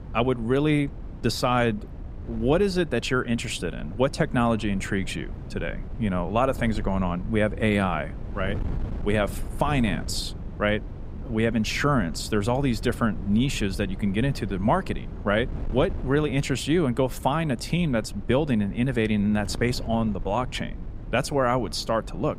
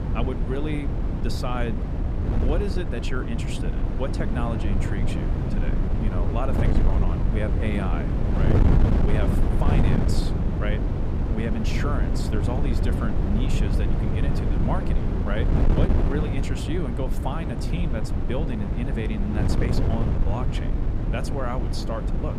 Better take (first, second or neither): first